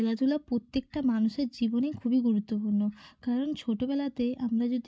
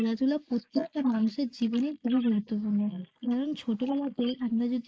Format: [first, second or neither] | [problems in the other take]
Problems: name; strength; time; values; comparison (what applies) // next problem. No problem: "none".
first | noise reduction (neural mask model Resemble Enhance denoiser)